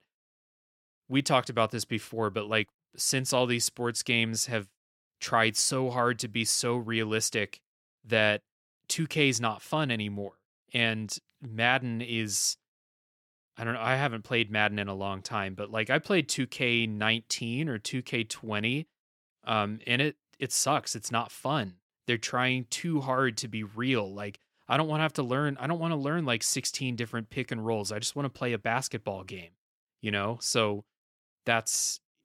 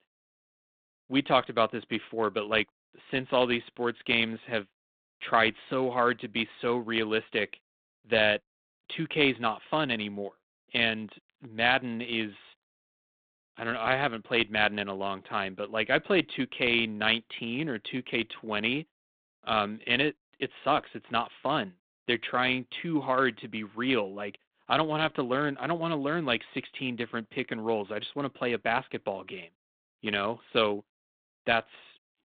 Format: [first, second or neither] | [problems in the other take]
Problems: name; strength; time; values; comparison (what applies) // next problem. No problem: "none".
first | phone-call audio; nothing above 3.5 kHz